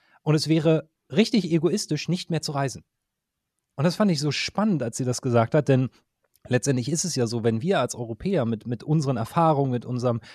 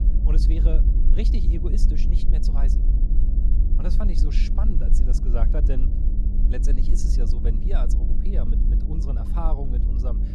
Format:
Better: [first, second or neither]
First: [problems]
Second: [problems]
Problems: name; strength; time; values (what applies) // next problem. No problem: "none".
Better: first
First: none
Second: low rumble; loud; throughout; 3 dB below the speech